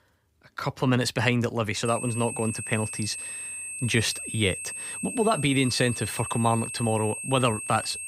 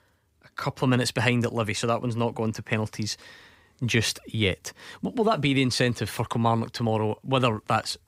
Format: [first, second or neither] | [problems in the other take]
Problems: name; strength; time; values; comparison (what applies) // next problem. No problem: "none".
second | high-pitched whine; loud; from 2 s on; 8.5 kHz, 6 dB below the speech